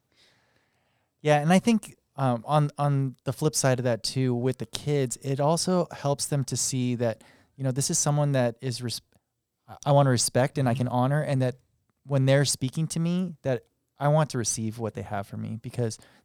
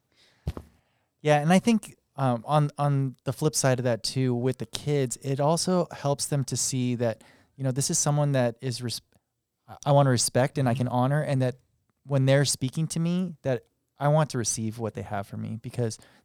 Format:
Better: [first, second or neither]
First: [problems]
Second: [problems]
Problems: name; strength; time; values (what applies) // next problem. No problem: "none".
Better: first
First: none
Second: footsteps; faint; at 0.5 s; peak 10 dB below the speech